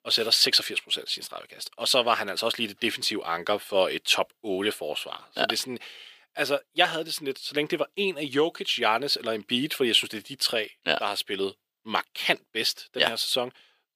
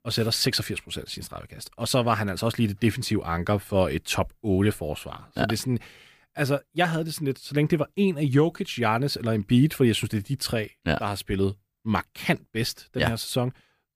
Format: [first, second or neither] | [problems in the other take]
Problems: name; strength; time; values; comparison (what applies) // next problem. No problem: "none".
second | thin; somewhat; fading below 450 Hz